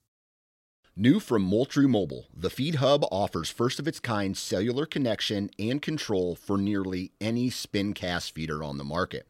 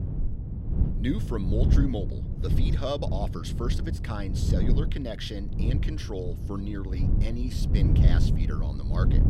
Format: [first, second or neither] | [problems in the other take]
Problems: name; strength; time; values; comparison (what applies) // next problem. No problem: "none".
first | wind noise on the microphone; heavy; 4 dB below the speech